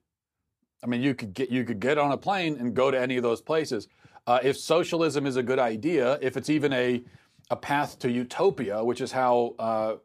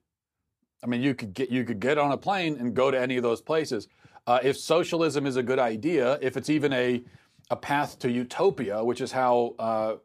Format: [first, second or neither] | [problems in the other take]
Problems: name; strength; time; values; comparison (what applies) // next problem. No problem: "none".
neither | none